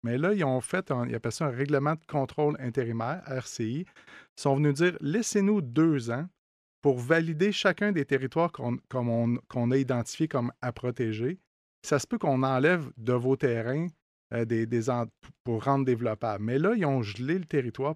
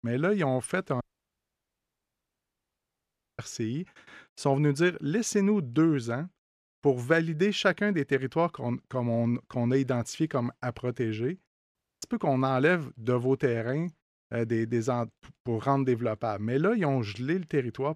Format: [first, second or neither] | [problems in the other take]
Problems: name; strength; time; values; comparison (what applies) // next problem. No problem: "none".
first | audio cutting out; at 1 s for 2.5 s and at 12 s